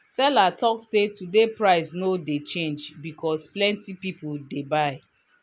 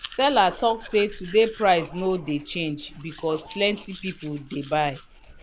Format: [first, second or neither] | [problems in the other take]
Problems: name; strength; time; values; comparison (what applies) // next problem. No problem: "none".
first | background sound (Domestic sounds, home sounds + Printer / Engine); 18 dB below the speech